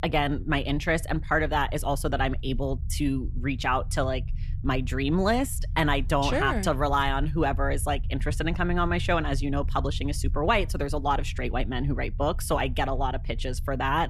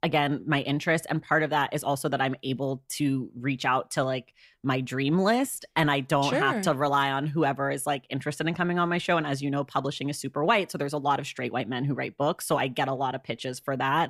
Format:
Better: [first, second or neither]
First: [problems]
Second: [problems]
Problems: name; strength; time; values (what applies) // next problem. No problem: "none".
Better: second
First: low rumble; faint; throughout; 25 dB below the speech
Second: none